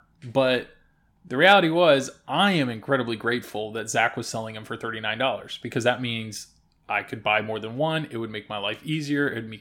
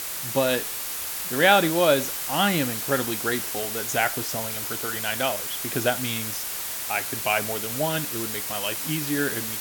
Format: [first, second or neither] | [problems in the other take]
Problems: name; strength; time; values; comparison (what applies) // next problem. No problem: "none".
first | hiss; loud; throughout; 2 dB below the speech